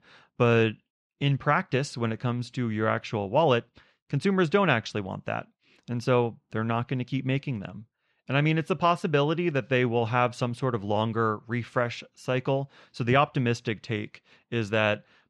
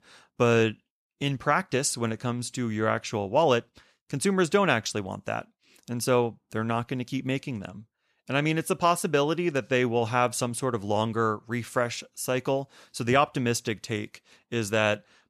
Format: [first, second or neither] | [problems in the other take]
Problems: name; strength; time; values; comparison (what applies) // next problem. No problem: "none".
second | muffled; slightly; fading above 3 kHz